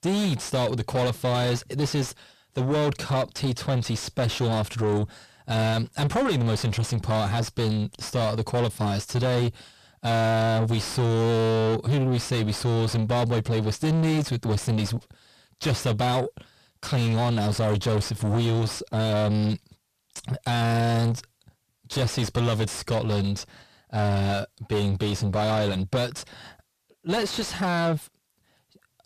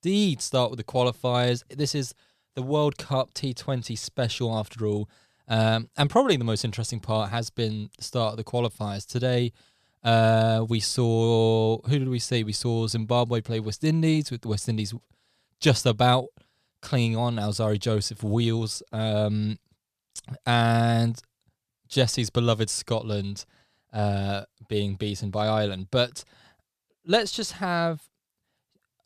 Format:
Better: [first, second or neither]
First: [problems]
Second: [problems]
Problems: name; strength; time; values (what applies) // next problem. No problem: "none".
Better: second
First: distortion; heavy; 5 dB below the speech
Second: none